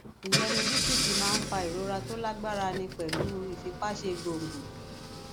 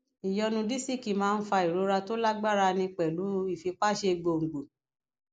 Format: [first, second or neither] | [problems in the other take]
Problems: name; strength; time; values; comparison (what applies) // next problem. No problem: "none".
second | background sound (Engine / Car); 2 dB above the speech